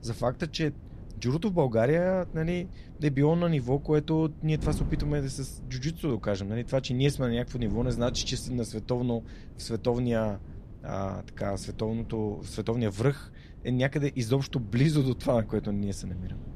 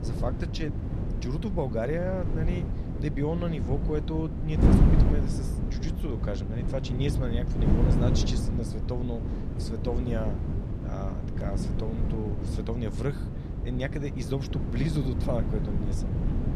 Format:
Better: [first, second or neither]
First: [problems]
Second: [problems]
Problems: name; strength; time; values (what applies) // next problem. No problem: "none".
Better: first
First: wind noise on the microphone; occasional gusts; 20 dB below the speech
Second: wind noise on the microphone; heavy; 2 dB below the speech